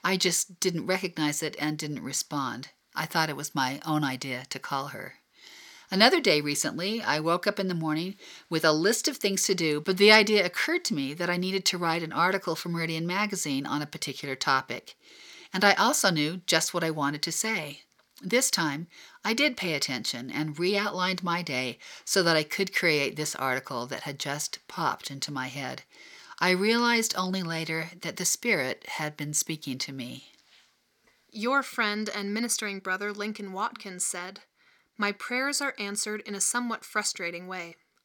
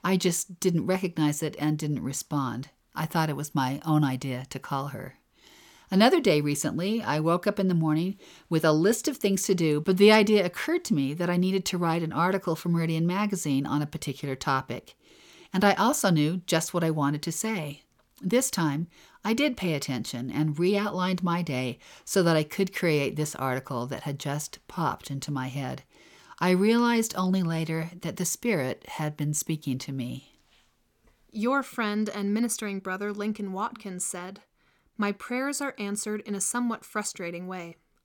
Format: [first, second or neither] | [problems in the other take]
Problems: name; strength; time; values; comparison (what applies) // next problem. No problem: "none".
second | thin; very slightly; fading below 650 Hz